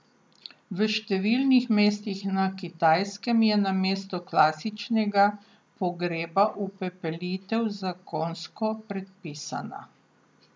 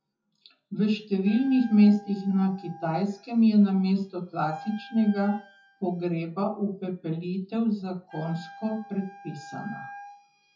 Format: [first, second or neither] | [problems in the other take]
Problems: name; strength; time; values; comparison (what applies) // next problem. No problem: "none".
first | noise reduction (classical method WPE with log-MMSE)